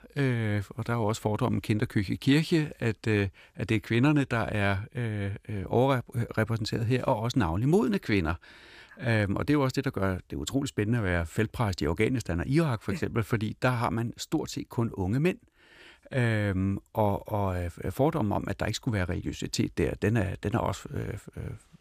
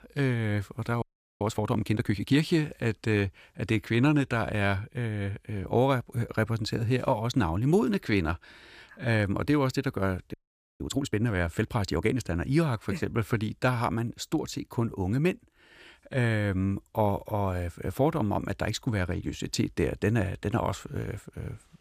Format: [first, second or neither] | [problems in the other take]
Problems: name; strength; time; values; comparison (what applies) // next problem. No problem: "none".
first | audio freezing; at 1 s and at 10 s